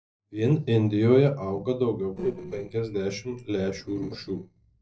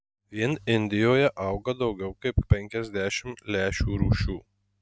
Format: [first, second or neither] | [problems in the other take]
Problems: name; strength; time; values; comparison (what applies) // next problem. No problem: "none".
second | noise reduction (neural separator model SepFormer DNS4)